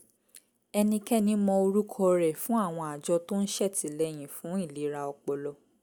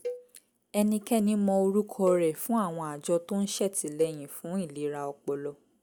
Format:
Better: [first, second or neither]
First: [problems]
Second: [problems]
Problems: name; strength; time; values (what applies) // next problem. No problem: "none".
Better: first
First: none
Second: background sound (Cowbell); 15 dB below the speech